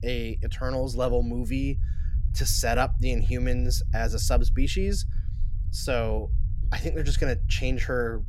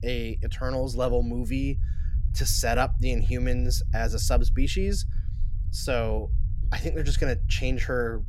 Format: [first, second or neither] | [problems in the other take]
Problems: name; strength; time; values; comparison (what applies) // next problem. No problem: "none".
neither | low rumble; noticeable; throughout; 20 dB below the speech; the same in both